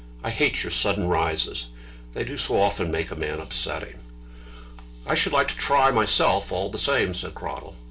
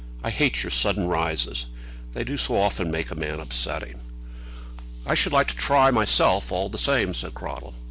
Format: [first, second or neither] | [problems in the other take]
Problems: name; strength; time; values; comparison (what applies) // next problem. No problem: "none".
second | room echo; dies away in 0.2 s